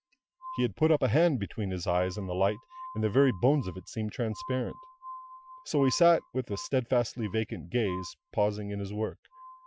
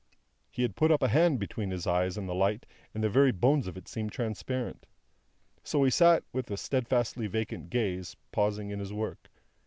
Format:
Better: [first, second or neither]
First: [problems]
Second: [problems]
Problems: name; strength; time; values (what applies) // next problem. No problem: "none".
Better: second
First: noise reduction (classical method Wiener filter)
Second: none